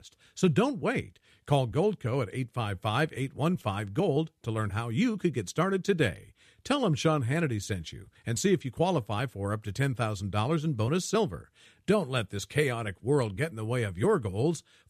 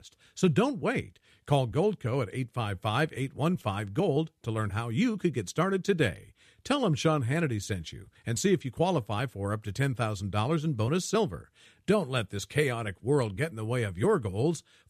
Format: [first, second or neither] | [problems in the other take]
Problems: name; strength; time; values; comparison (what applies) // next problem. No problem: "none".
neither | none